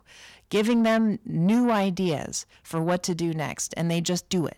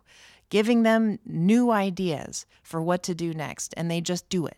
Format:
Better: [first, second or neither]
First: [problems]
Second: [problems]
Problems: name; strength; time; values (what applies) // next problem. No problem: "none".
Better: second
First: distortion; slight; 10 dB below the speech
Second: none